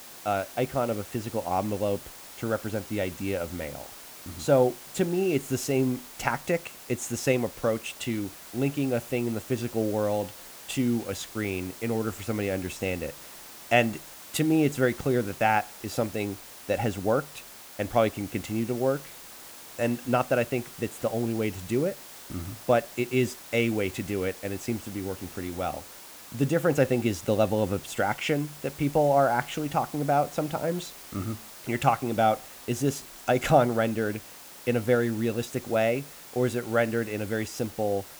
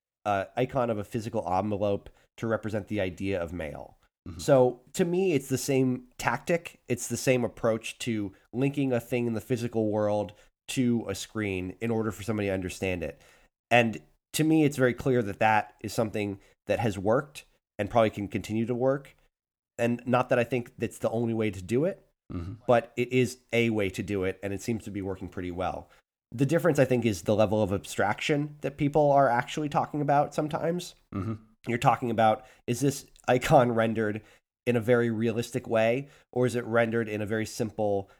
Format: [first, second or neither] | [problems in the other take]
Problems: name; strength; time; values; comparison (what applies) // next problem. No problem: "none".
second | hiss; noticeable; throughout; 15 dB below the speech